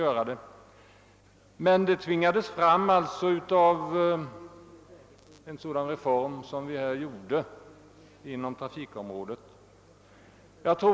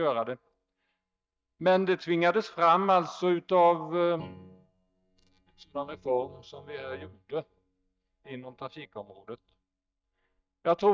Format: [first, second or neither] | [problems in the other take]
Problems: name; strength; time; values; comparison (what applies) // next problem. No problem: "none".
first | noise reduction (neural mask model DeepFilterNet 3)